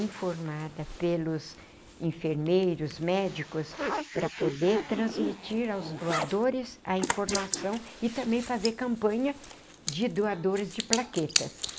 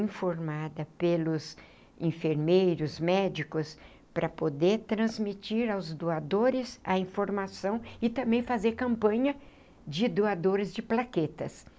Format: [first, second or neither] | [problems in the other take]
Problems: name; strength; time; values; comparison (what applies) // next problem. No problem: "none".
second | noise reduction (neural mask model Resemble Enhance denoiser)